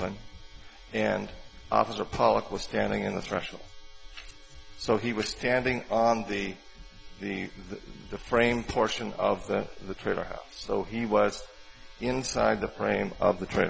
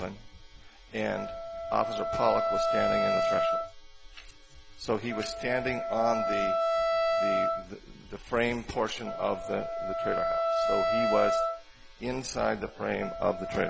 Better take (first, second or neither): first